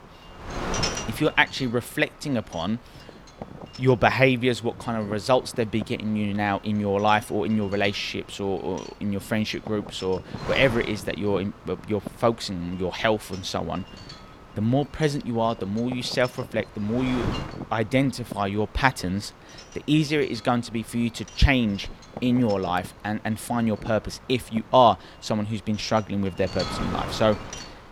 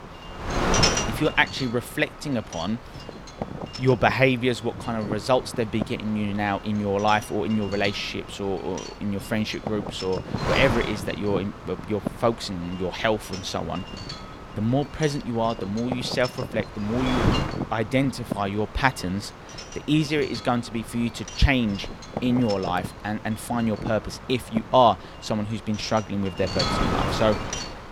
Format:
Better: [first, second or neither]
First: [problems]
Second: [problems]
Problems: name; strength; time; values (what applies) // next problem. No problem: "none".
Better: first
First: wind noise on the microphone; occasional gusts; 15 dB below the speech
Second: wind noise on the microphone; heavy; 7 dB below the speech